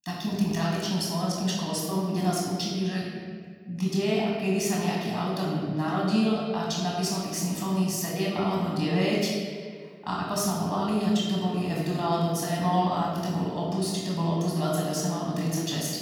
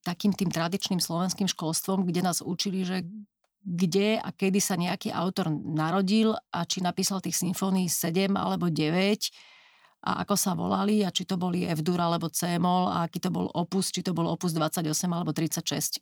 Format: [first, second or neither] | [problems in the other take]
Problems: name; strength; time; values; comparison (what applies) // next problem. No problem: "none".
second | off-mic speech; far // room echo; noticeable; dies away in 1.6 s